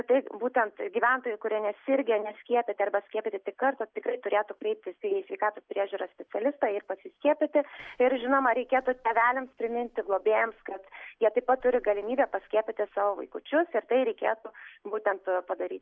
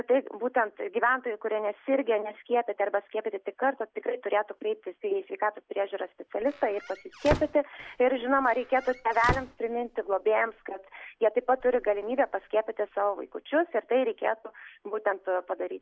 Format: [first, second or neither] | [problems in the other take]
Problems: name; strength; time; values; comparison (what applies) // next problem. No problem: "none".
first | background sound (Squeak / Slam / Wood); 7 dB below the speech